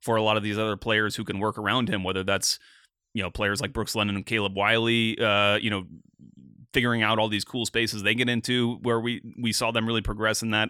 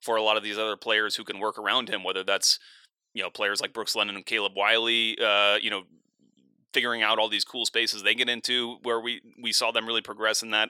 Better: first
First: none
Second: thin; somewhat; fading below 500 Hz

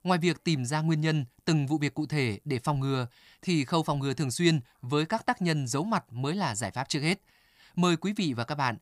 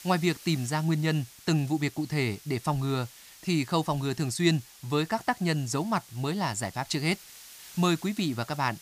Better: first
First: none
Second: hiss; noticeable; throughout; 20 dB below the speech

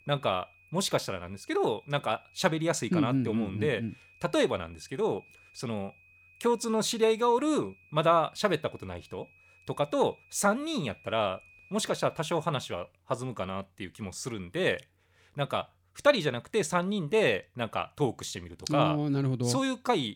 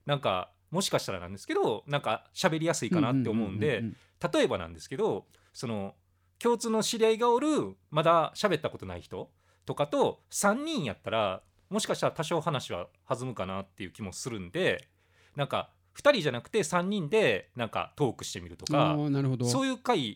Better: second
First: high-pitched whine; faint; until 13 s; 2.5 kHz, 25 dB below the speech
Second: none

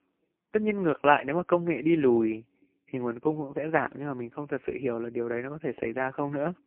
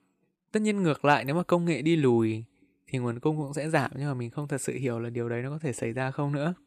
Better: second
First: phone-call audio; poor line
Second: none

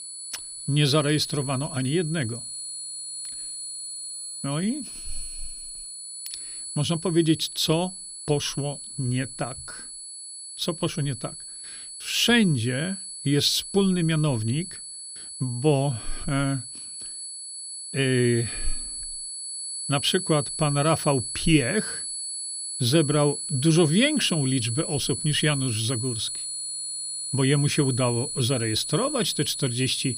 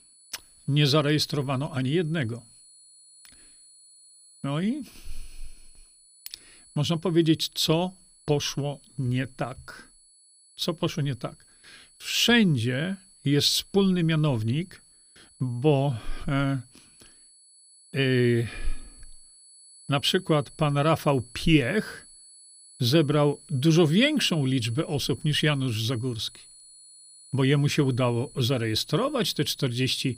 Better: second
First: high-pitched whine; loud; throughout; 10 kHz, 7 dB below the speech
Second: high-pitched whine; faint; throughout; 10 kHz, 25 dB below the speech

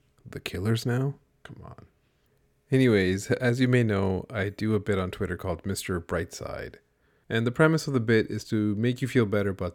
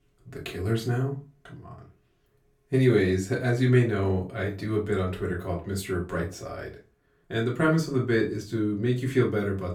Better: first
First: none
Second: off-mic speech; far // room echo; very slight; dies away in 0.2 s

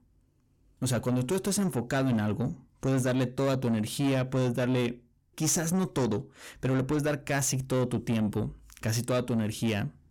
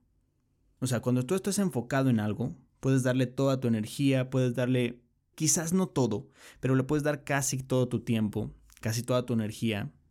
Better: second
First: distortion; slight; 10 dB below the speech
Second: none

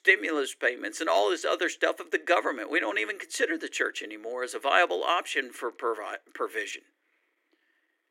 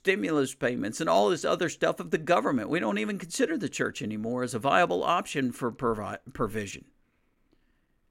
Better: second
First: thin; very; fading below 300 Hz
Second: none

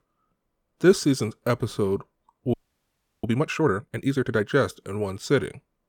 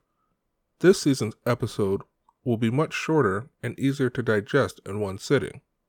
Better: second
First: audio freezing; at 2.5 s for 0.5 s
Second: none

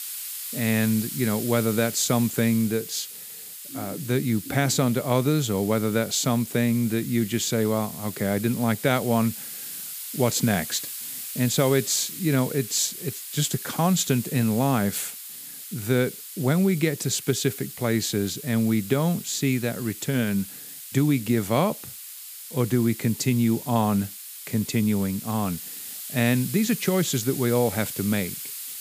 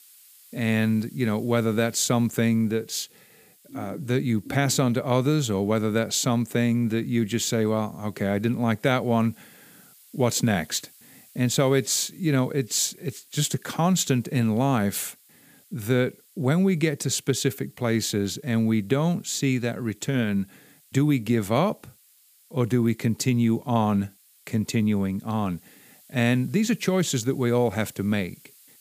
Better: second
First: hiss; loud; throughout; 10 dB below the speech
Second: hiss; faint; throughout; 30 dB below the speech

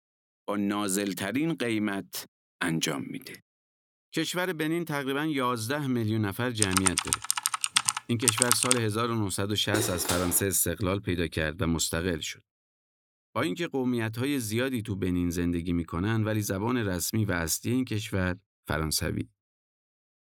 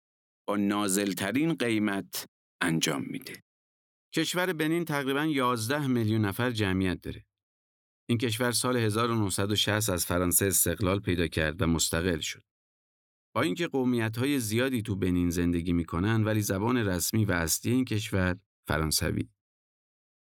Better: second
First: keyboard typing; loud; from 6.5 to 9 s; peak 6 dB above the speech // clattering dishes; noticeable; at 9.5 s; peak 2 dB below the speech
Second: none

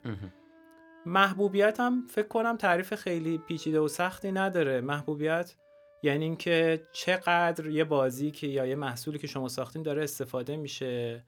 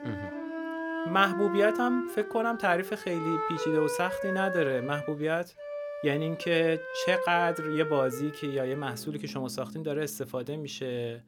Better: first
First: background music; faint; throughout; 30 dB below the speech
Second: background music; loud; throughout; 6 dB below the speech

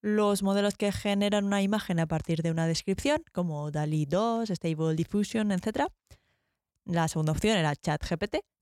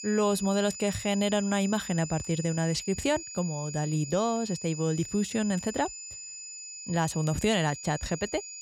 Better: first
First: none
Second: high-pitched whine; loud; throughout; 7 kHz, 10 dB below the speech

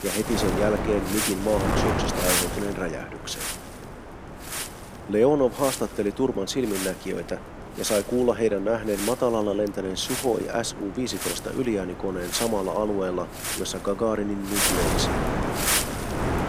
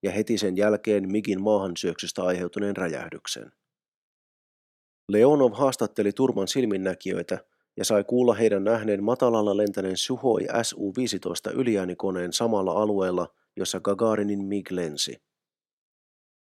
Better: second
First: wind noise on the microphone; heavy; 2 dB below the speech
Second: none

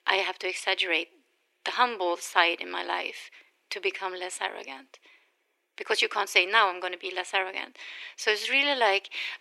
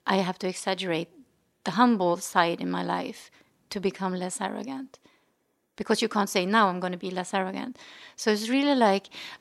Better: second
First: thin; very; fading below 350 Hz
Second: none

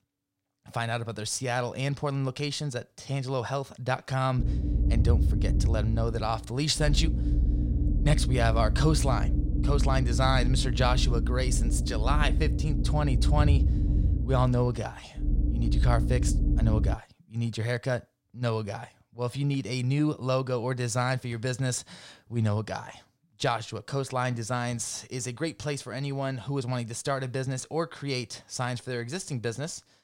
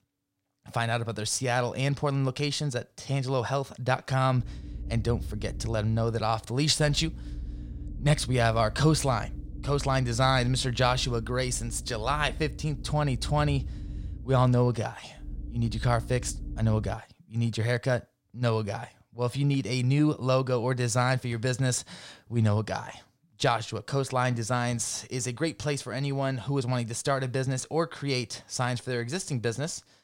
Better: second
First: low rumble; loud; from 4.5 to 17 s; 9 dB below the speech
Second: low rumble; faint; from 4.5 to 17 s; 25 dB below the speech

